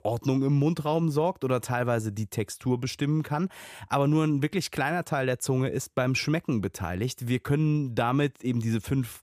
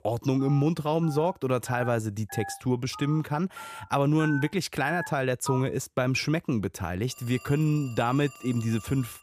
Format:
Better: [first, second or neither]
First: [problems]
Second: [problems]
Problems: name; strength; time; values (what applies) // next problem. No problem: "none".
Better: first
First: none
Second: alarms or sirens; noticeable; throughout; 15 dB below the speech